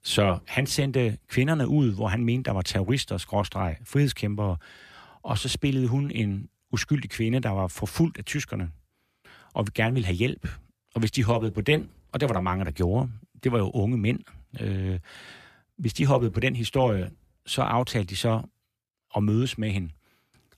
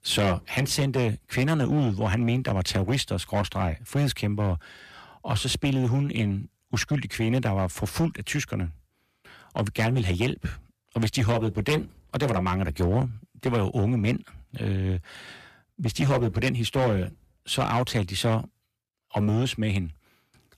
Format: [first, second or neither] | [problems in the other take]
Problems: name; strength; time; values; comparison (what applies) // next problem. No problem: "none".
first | distortion; slight; 8% of the sound clipped